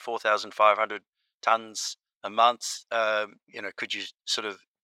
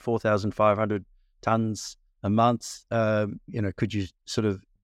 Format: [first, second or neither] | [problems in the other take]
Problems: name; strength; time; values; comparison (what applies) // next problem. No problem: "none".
second | thin; very; fading below 900 Hz